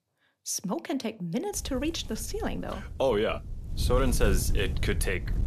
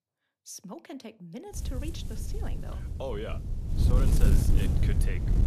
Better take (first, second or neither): first